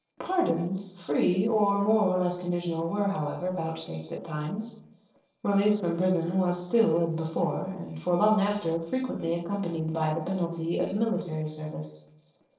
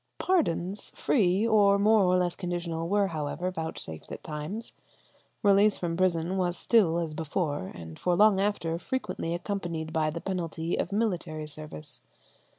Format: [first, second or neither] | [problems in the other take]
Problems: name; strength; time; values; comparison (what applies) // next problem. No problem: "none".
second | noise reduction (neural separator model SepFormer DNS4)